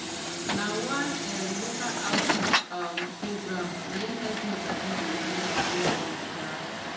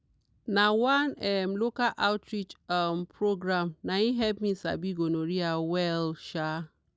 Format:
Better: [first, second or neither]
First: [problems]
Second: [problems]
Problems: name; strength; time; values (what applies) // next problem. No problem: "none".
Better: second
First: background sound (Truck); 4 dB above the speech // room echo; dies away in 0.9 s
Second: none